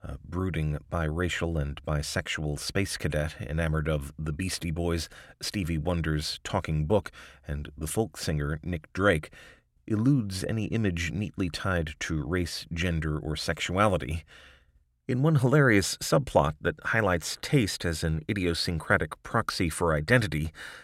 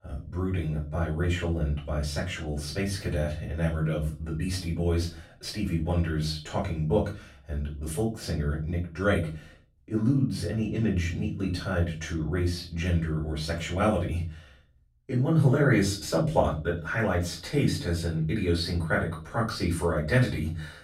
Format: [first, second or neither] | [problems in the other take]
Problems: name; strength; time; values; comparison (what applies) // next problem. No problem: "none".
first | off-mic speech; far // room echo; slight; dies away in 0.3 s